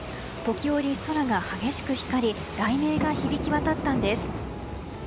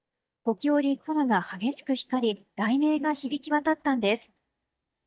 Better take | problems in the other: first | noise reduction (neural mask model DeepFilterNet 3)

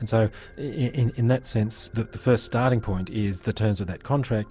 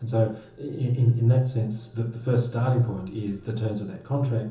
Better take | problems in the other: first | room echo; dies away in 0.6 s

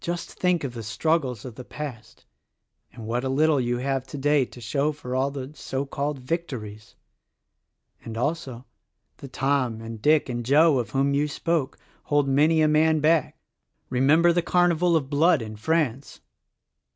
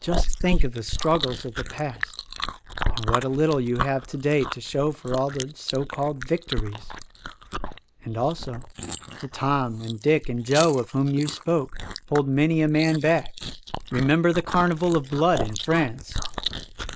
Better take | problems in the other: first | noise reduction (neural mask model Resemble Enhance denoiser)

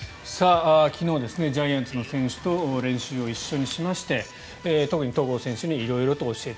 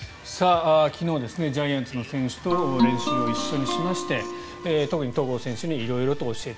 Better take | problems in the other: first | background sound (Guitar); 3 dB below the speech

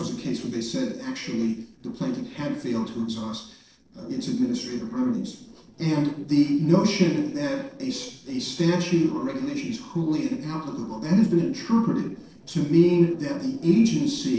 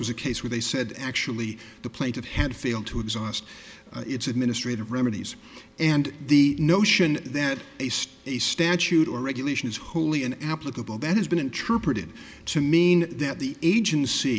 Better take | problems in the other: second | noise reduction (neural separator model SepFormer DNS4)

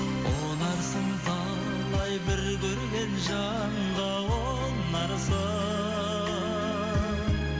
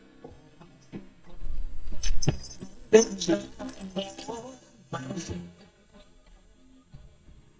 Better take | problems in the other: first | noise reduction (neural mask model DeepFilterNet 3)

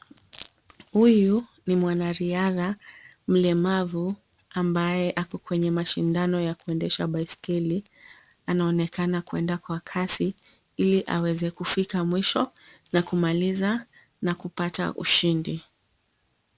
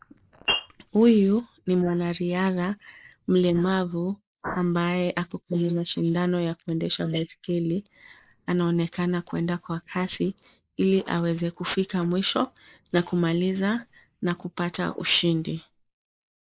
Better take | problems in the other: first | noise reduction (neural mask model Resemble Enhance denoiser)

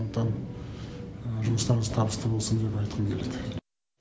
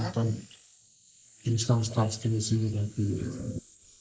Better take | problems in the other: first | noise reduction (neural mask model Resemble Enhance denoiser)

